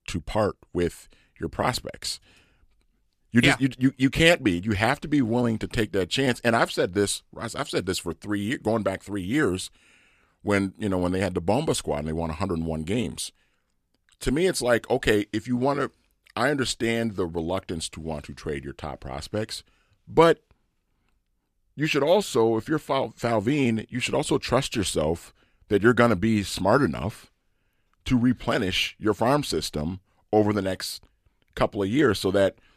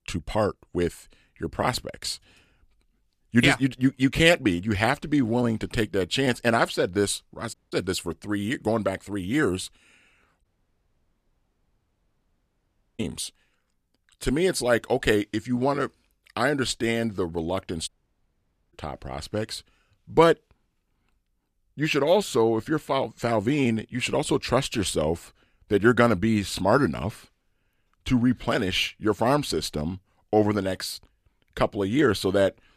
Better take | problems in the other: first | audio cutting out; at 7.5 s, at 10 s for 2.5 s and at 18 s for 1 s

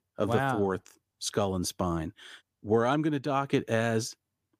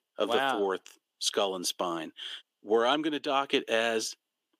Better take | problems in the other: first | thin; somewhat; fading below 300 Hz

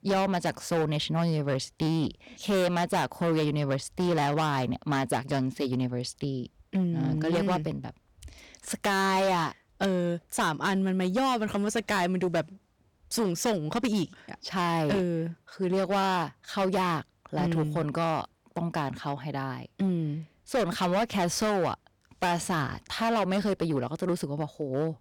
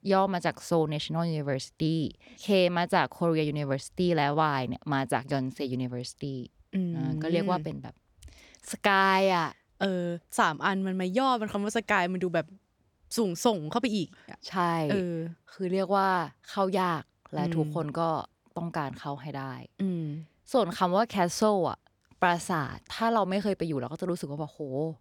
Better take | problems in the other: second | distortion; heavy; 12% of the sound clipped

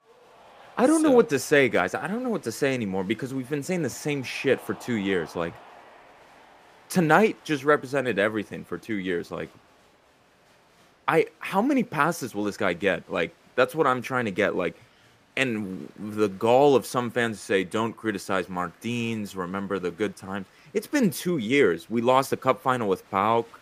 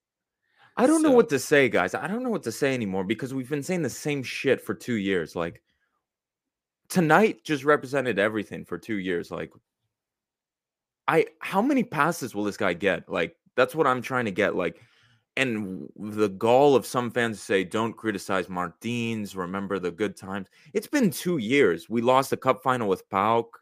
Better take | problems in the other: second | crowd noise; faint; throughout; 30 dB below the speech

